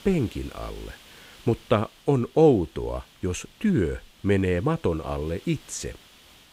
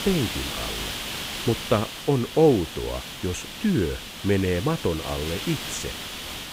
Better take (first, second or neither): first